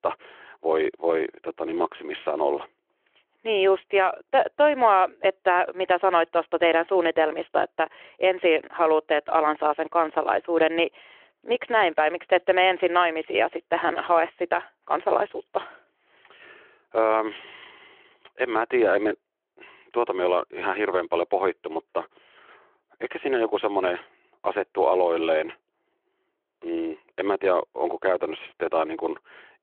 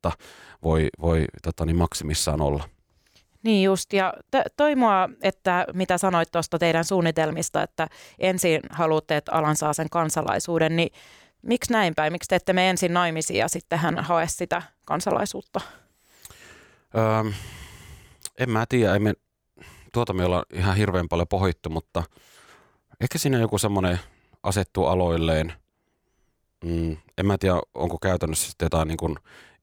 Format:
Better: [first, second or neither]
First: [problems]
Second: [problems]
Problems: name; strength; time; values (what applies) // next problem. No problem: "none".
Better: second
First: phone-call audio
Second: none